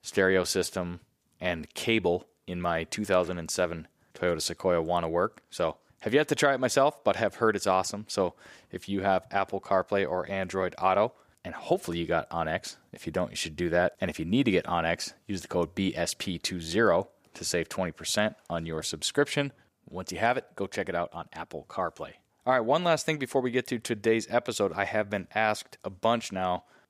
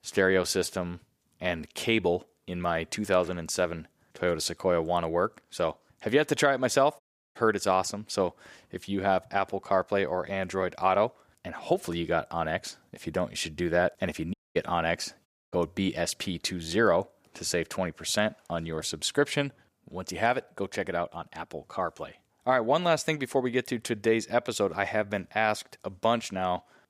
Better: first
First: none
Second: audio cutting out; at 7 s, at 14 s and at 15 s

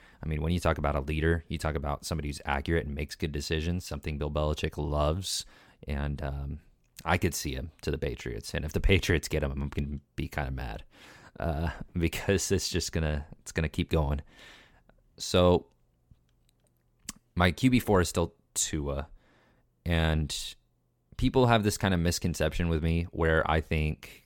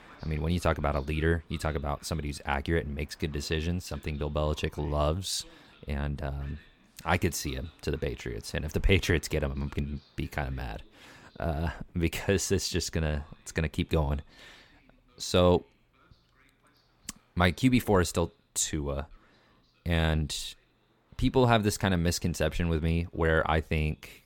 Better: first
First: none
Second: train or aircraft noise; faint; throughout; 30 dB below the speech

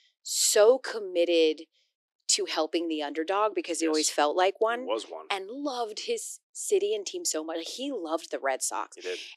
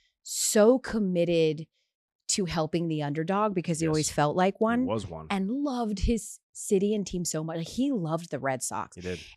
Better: second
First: thin; very; fading below 300 Hz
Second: none

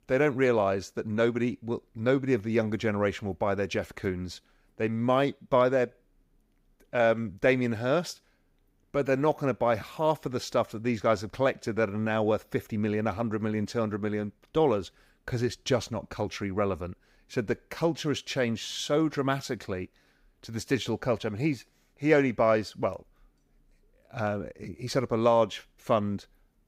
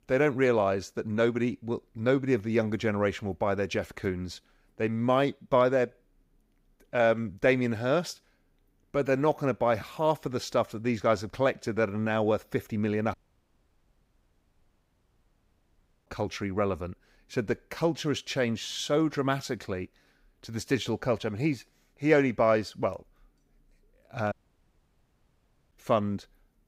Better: first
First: none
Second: audio cutting out; at 13 s for 3 s and at 24 s for 1.5 s

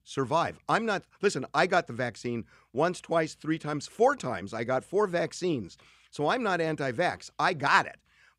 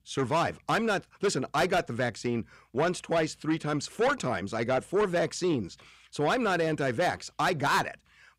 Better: first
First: none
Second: distortion; heavy; 8 dB below the speech

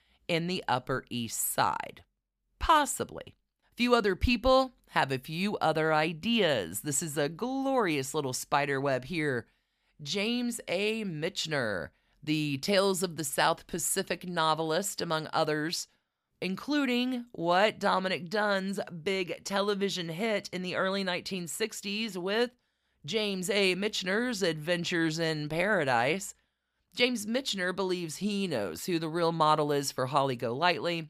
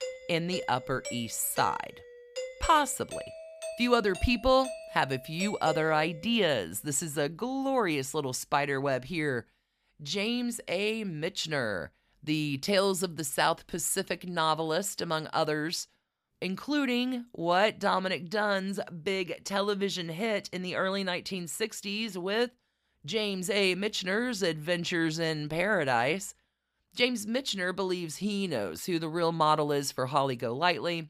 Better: first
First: none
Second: doorbell; noticeable; until 6 s; peak 8 dB below the speech

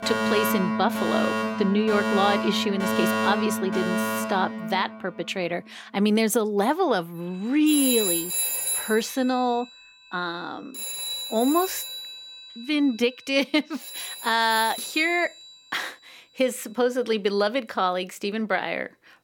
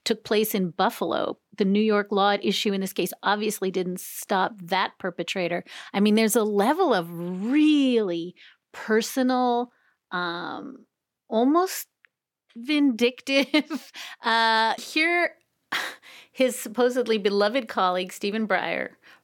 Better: second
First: alarms or sirens; loud; throughout; 2 dB below the speech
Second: none

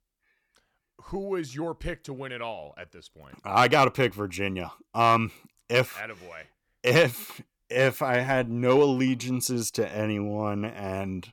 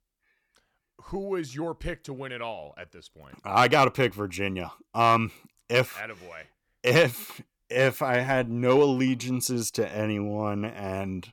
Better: neither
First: none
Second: none

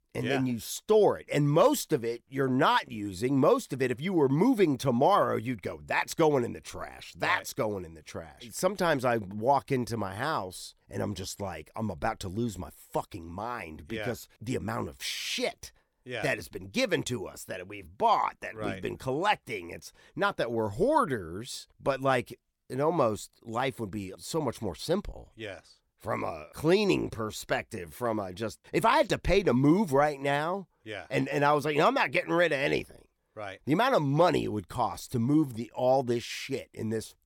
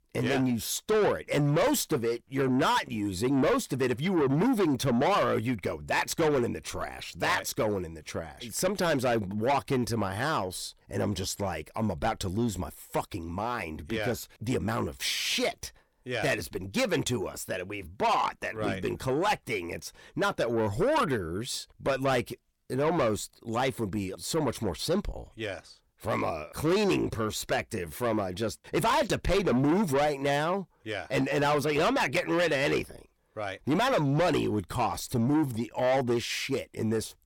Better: first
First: none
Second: distortion; heavy; 7 dB below the speech

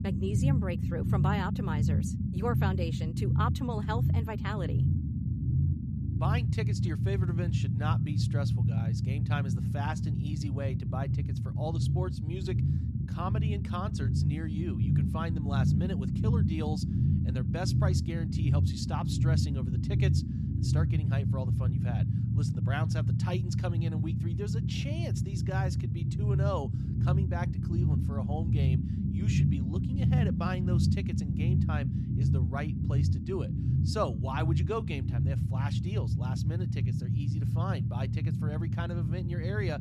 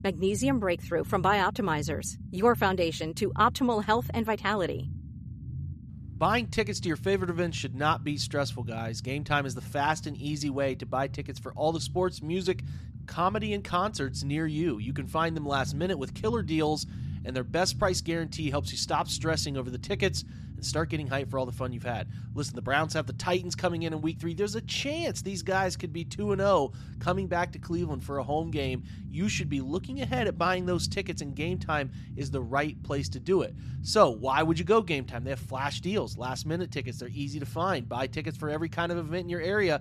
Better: second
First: low rumble; loud; throughout; 2 dB below the speech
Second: low rumble; faint; throughout; 20 dB below the speech

